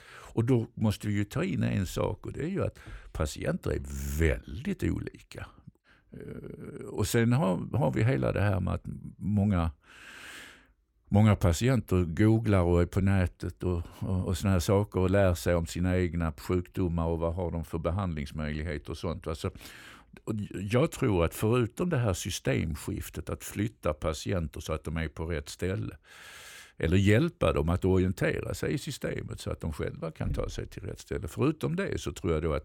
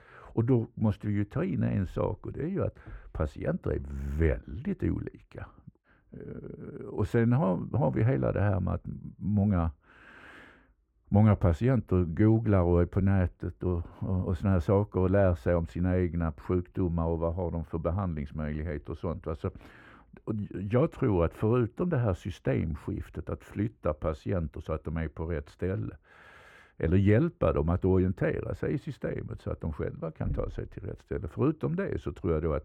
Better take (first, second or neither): first